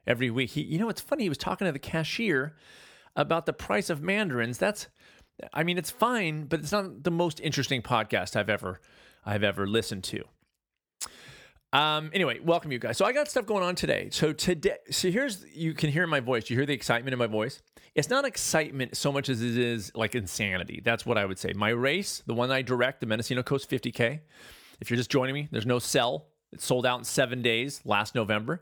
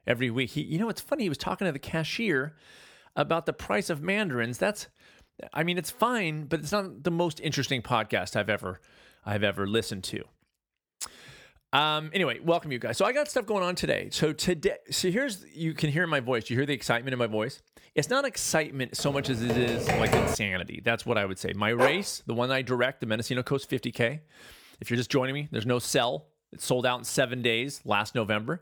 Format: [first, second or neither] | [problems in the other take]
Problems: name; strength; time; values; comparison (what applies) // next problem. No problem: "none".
first | keyboard typing; loud; from 19 to 20 s; peak 3 dB above the speech // dog barking; loud; at 22 s; peak 1 dB above the speech